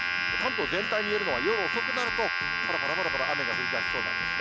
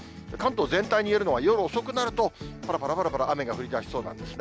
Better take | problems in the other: second | background sound (Domestic sounds, home sounds); 4 dB above the speech

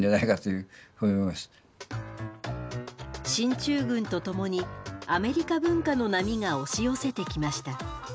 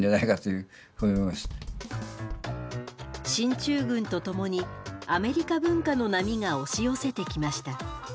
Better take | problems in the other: first | background sound (Drum / Drum kit); 10 dB below the speech

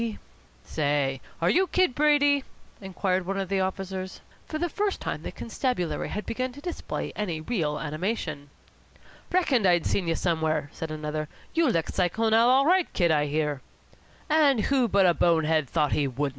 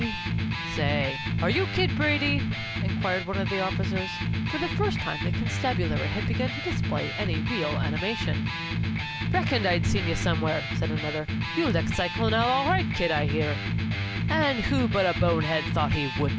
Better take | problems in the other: first | background sound (Electric guitar); 1 dB above the speech

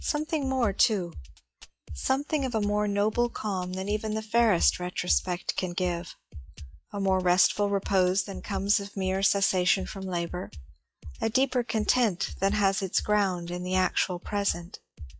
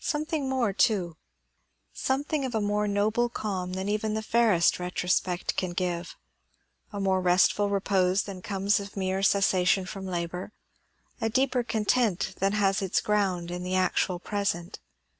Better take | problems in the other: second | noise reduction (classical method log-MMSE)

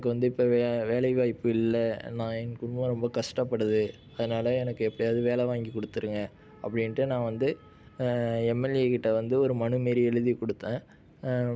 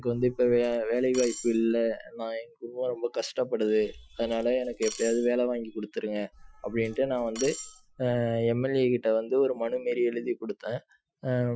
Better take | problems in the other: first | noise reduction (classical method Wiener filter)

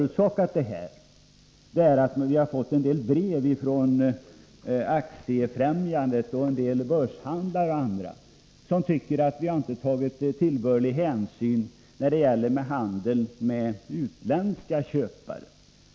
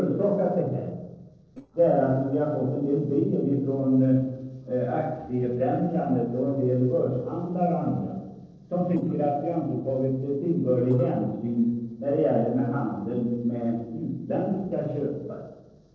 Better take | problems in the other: first | noise reduction (neural separator model SepFormer DNS4)

